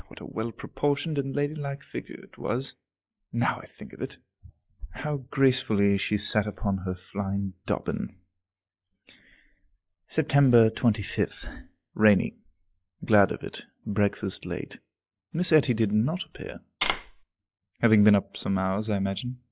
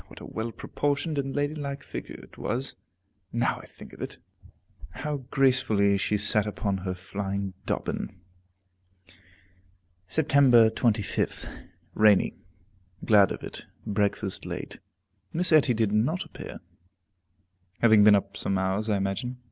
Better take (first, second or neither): second